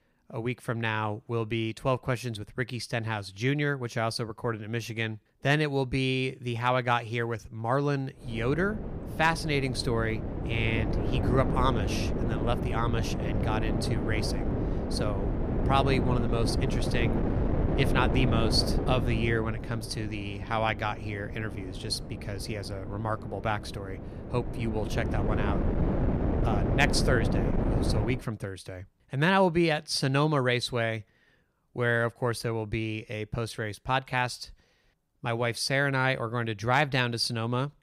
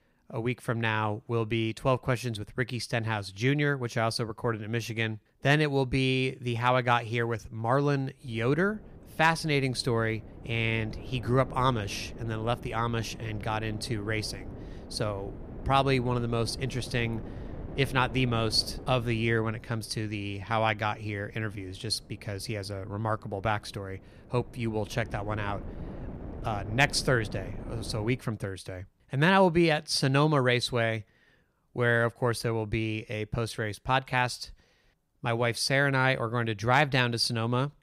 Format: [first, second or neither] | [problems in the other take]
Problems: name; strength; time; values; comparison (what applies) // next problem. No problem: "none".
second | wind noise on the microphone; heavy; from 8.5 to 28 s; 6 dB below the speech; occasional gusts in the second